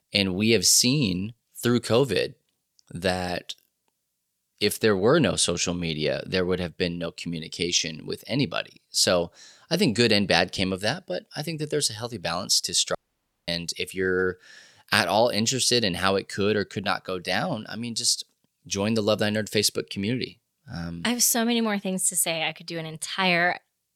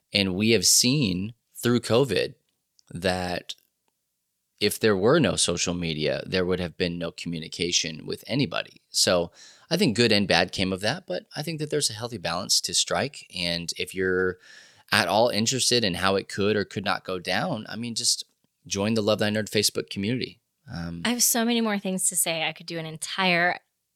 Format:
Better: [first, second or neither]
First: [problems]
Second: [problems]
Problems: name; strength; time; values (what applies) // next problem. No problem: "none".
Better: second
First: audio cutting out; at 13 s for 0.5 s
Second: none